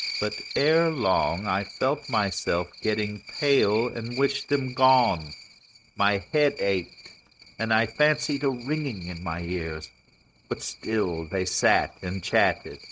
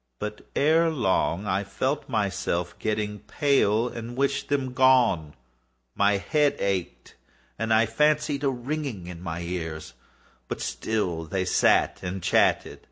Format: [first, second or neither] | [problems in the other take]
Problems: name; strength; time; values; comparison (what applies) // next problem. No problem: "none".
second | noise reduction (neural mask model RNNoise)